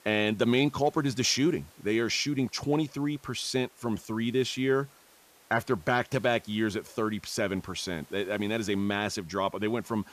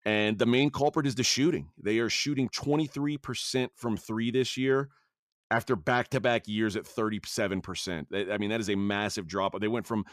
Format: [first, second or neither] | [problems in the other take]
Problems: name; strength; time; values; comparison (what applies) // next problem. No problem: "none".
second | hiss; faint; throughout; 25 dB below the speech